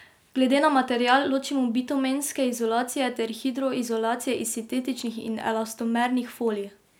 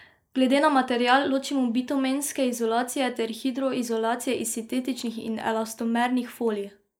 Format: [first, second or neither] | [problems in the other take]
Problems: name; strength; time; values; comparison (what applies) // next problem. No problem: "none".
first | noise reduction (neural mask model Resemble Enhance denoiser)